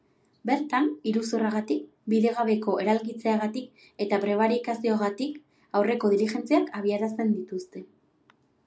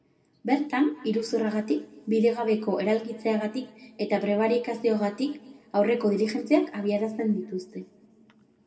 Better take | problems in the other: first | room echo; dies away in 1.5 s

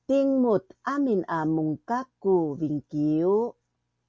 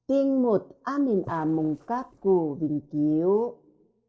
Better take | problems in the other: first | noise reduction (neural separator model SepFormer DNS4)

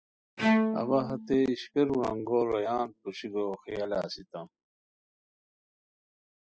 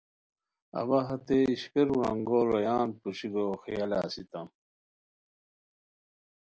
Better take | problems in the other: second | noise reduction (classical method spectral subtraction)

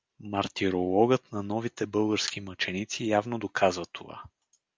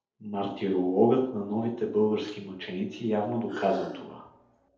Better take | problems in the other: first | noise reduction (neural separator model SepFormer DNS4)

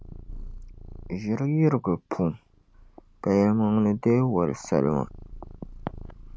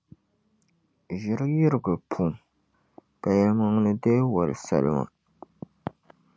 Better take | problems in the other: second | background sound (Purr); 17 dB below the speech

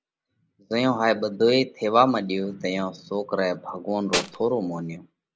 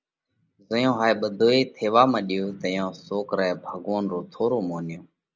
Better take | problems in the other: second | background sound (Tools); 3 dB below the speech

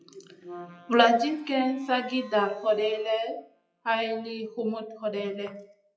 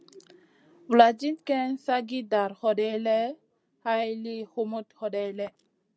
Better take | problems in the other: second | noise reduction (classical method WPE with log-MMSE)

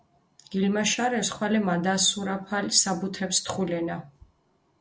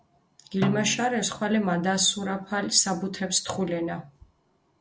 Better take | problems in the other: first | background sound (Snare drum); 10 dB below the speech

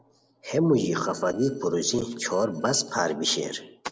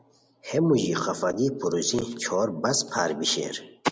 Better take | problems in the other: second | noise reduction (neural separator model SepFormer DNS4)

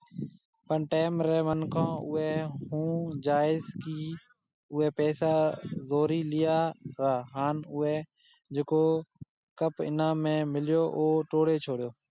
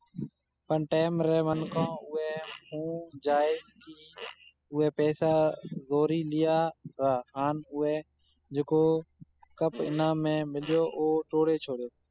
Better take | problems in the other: first | noise reduction (classical method spectral subtraction)

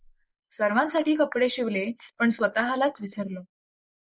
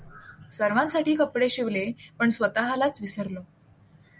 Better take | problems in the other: second | noise reduction (neural mask model Resemble Enhance denoiser)

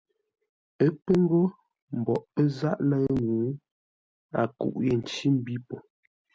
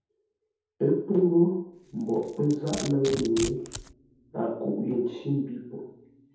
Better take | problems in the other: first | background sound (Domestic sounds, home sounds); 16 dB below the speech // room echo; dies away in 0.7 s

